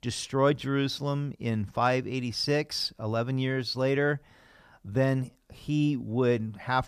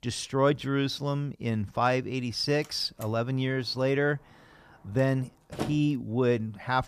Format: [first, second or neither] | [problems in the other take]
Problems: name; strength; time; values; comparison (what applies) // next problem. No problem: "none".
first | door banging; noticeable; from 3 to 6 s; peak 8 dB below the speech